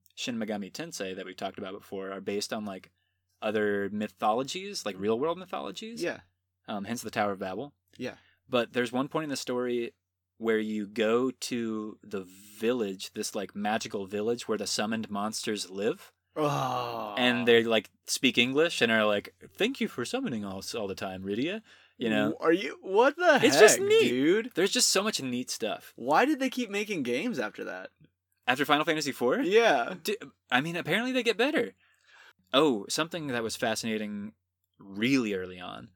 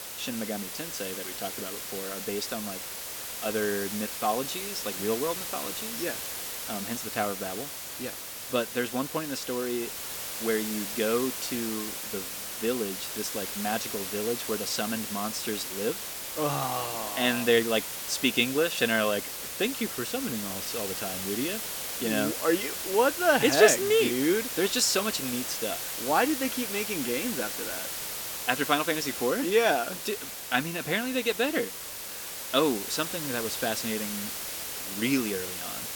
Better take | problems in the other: first | hiss; loud; throughout; 4 dB below the speech

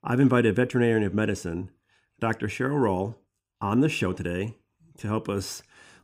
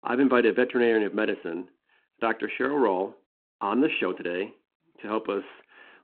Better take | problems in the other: first | phone-call audio

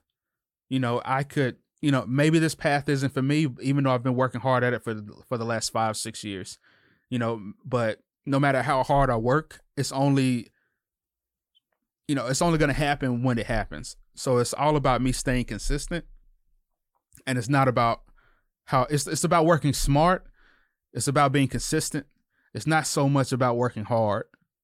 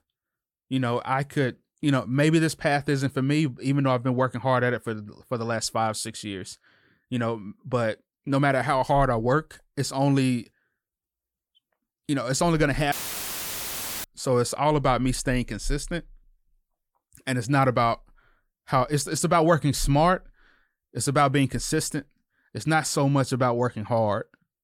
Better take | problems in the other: first | audio cutting out; filled with static; at 13 s for 1 s

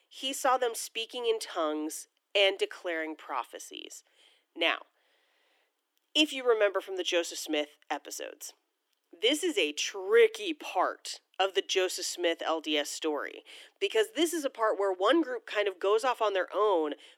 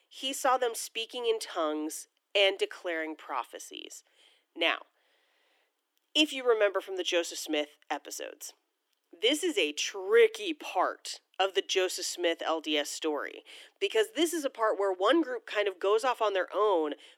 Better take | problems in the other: neither | thin; somewhat; fading below 300 Hz; the same in both

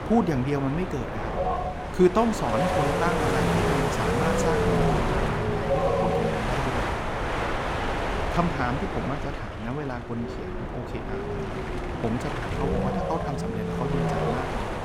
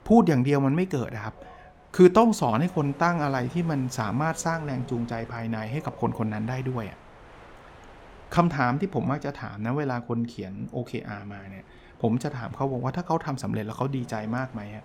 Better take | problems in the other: second | wind noise on the microphone; heavy; 3 dB above the speech; occasional gusts in the second

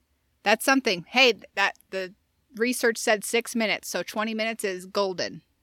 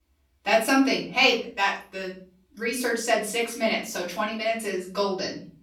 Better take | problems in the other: first | room echo; slight; dies away in 0.4 s // off-mic speech; far

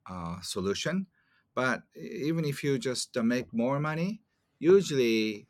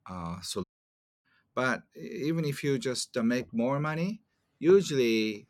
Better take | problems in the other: first | audio cutting out; at 0.5 s for 0.5 s

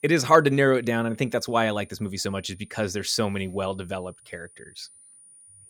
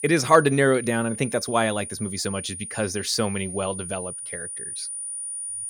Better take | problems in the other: first | high-pitched whine; loud; throughout; 9.5 kHz, 9 dB below the speech; faint in the first

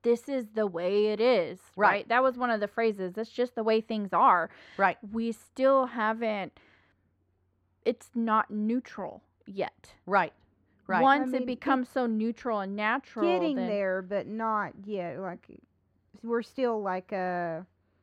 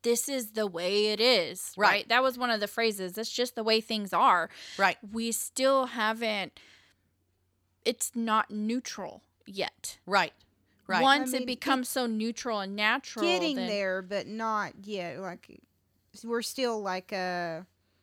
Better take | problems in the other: second | muffled; very; fading above 3 kHz

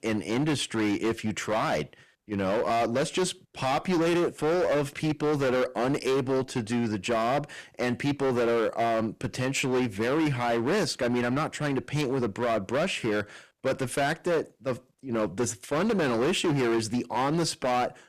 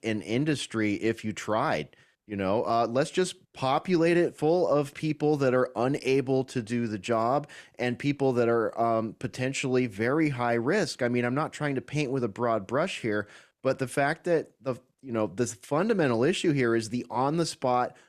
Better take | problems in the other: second | distortion; heavy; 19% of the sound clipped

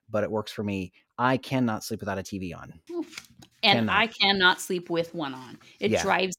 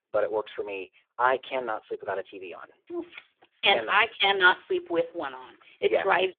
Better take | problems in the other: first | phone-call audio; poor line; nothing above 3.5 kHz

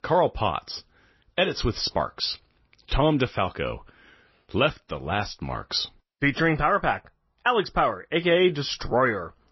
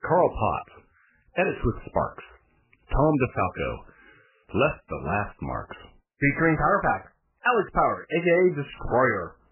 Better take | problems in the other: first | garbled, watery; badly; nothing above 3 kHz; slightly in the first

